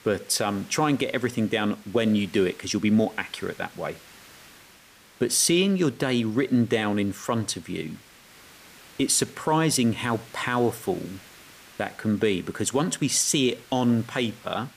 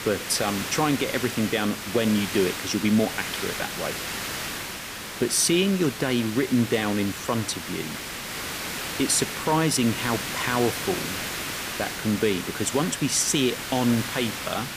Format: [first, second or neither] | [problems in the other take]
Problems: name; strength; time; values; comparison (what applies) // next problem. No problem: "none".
first | hiss; loud; throughout; 6 dB below the speech; faint in the first